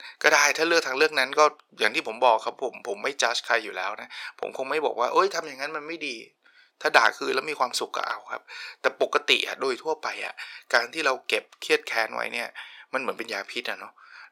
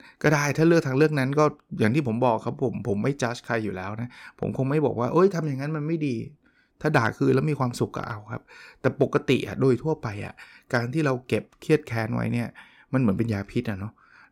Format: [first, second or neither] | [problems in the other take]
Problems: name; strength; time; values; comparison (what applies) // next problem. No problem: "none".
second | thin; very; fading below 600 Hz